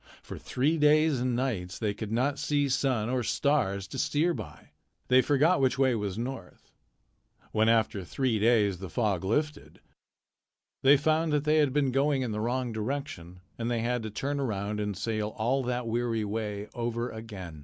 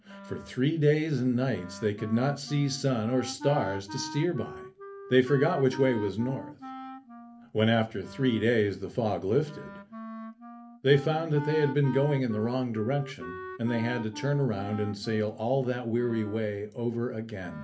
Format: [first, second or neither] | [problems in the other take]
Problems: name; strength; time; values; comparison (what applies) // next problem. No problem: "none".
first | background sound (Wind instrument, woodwind instrument); 14 dB below the speech // room echo; dies away in 0.3 s